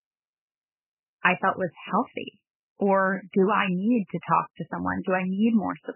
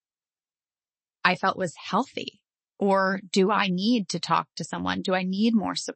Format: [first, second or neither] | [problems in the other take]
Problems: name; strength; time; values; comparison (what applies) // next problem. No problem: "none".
second | garbled, watery; badly; nothing above 3 kHz; slightly in the second